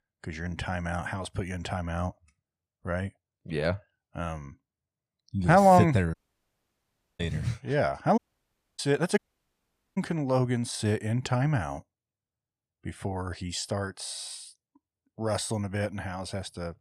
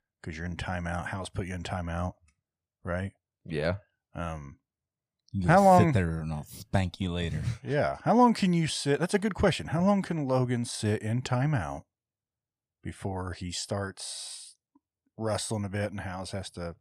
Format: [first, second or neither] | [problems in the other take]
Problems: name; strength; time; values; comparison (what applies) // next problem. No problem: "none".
second | audio cutting out; at 6 s for 1 s, at 8 s for 0.5 s and at 9 s for 1 s